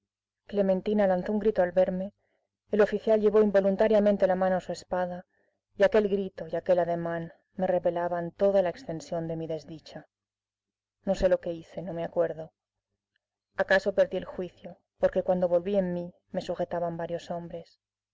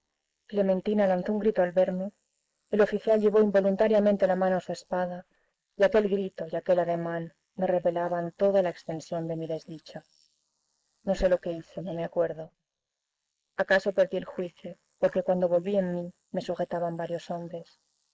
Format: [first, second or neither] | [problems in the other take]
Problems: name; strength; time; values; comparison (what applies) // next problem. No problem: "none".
first | noise reduction (neural mask model Resemble Enhance denoiser)